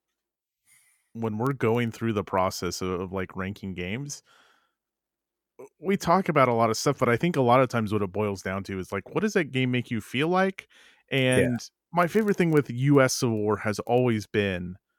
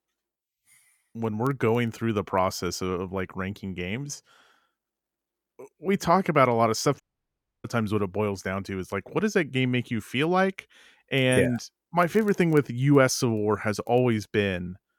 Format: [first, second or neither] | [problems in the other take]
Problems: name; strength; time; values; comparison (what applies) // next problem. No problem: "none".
first | audio cutting out; at 7 s for 0.5 s